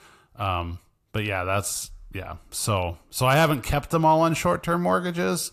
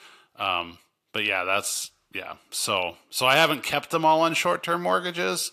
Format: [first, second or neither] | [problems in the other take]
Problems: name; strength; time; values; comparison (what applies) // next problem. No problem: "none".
first | thin; somewhat; fading below 250 Hz